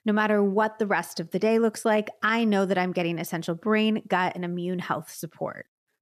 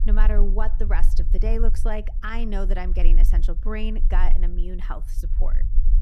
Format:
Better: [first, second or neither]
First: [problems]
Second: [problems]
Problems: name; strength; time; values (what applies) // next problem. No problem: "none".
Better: first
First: none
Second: low rumble; noticeable; throughout; 15 dB below the speech